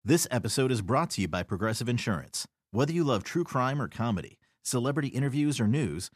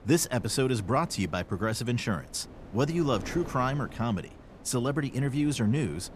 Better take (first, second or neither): first